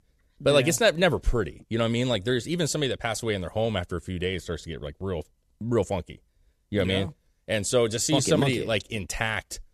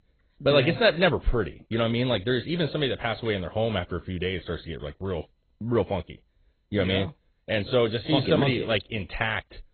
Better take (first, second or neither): first